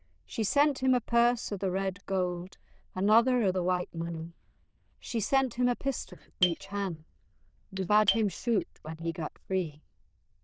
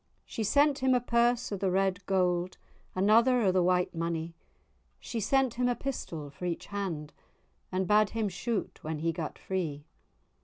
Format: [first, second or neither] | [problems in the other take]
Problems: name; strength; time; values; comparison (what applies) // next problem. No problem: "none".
second | noise reduction (neural diffusion model UNIVERSE++)